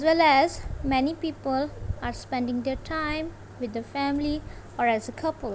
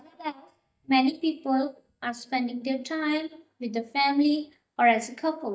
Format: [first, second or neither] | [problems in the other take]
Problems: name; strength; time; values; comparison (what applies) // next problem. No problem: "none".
first | noise reduction (neural mask model DeepFilterNet 3)